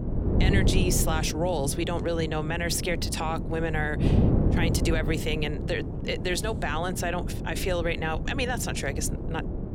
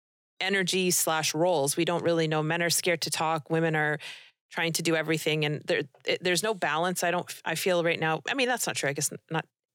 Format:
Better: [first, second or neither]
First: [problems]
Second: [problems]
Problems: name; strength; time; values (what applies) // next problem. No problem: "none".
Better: second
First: wind noise on the microphone; heavy; 7 dB below the speech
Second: none